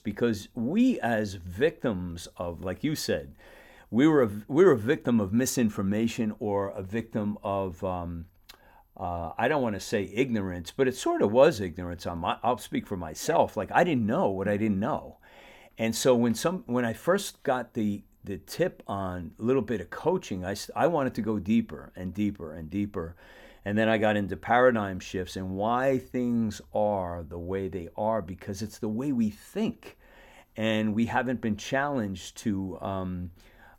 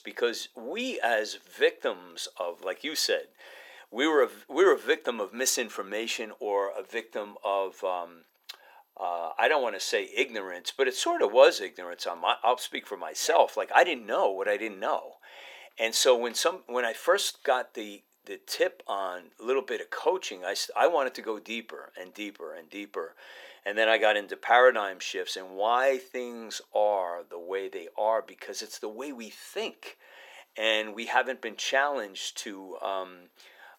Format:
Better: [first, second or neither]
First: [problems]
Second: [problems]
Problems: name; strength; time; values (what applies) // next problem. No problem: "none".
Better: first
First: none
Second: thin; very; fading below 400 Hz